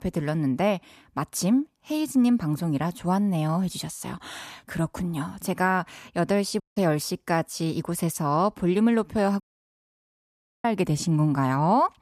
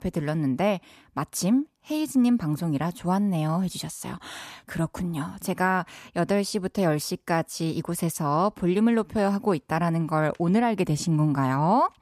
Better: second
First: audio cutting out; at 6.5 s and at 9.5 s for 1 s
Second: none

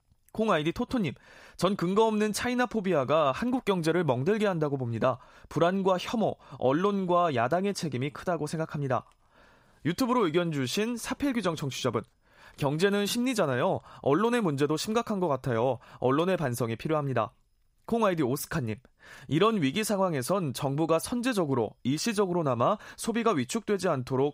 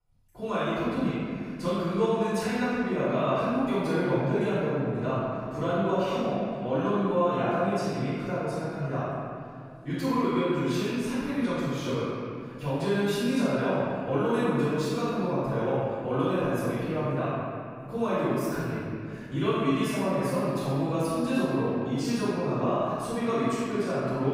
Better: first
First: none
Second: off-mic speech; far // room echo; strong; dies away in 2.3 s

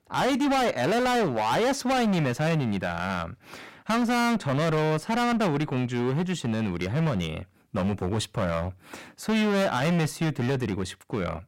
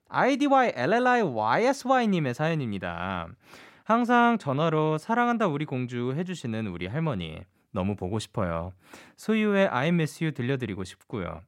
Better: second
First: distortion; heavy; 24% of the sound clipped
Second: none

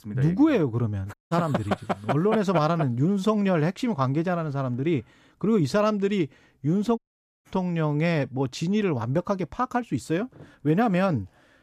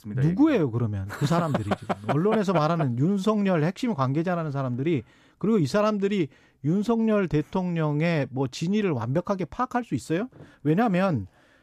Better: second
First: audio cutting out; at 1 s and at 7 s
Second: none

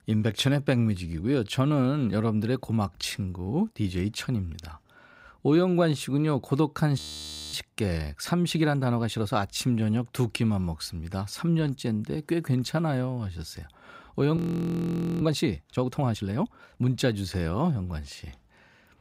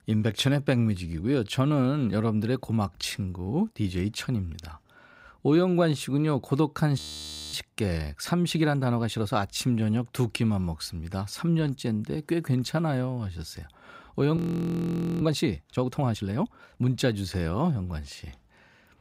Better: neither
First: audio freezing; at 7 s for 0.5 s and at 14 s for 1 s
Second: audio freezing; at 7 s for 0.5 s and at 14 s for 1 s

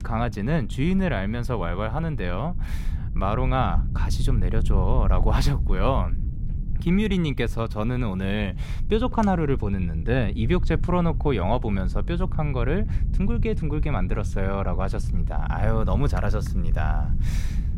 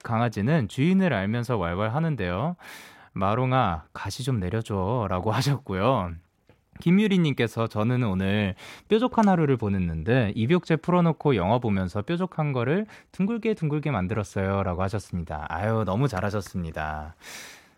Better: second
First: low rumble; noticeable; throughout; 15 dB below the speech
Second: none

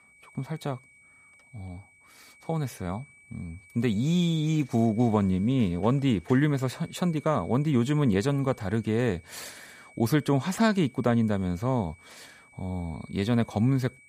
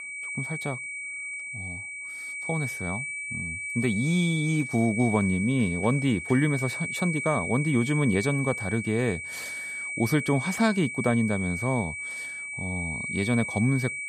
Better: first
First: high-pitched whine; faint; throughout; 2.5 kHz, 25 dB below the speech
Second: high-pitched whine; loud; throughout; 2.5 kHz, 5 dB below the speech

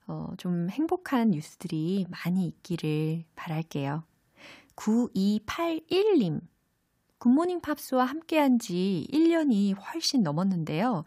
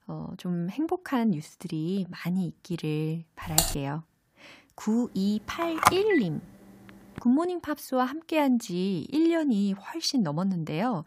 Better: first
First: none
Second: keyboard typing; loud; at 3.5 s; peak 3 dB above the speech // phone ringing; loud; from 6 to 7 s; peak 4 dB above the speech

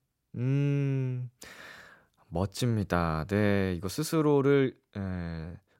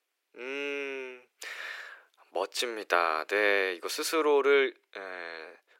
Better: first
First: none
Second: thin; very; fading below 350 Hz

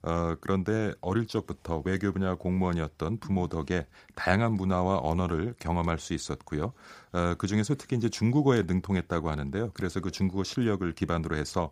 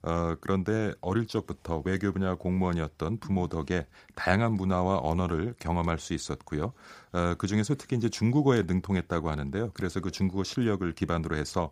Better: neither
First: none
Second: none

